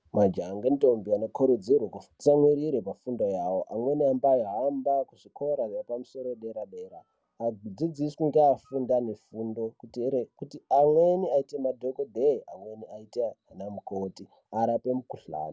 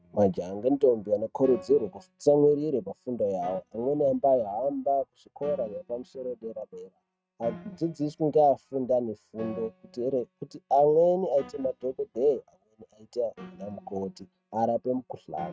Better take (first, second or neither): first